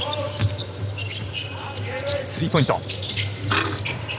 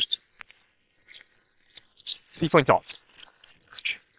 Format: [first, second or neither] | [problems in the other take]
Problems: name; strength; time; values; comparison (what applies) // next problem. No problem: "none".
first | noise reduction (neural separator model SepFormer WHAM!)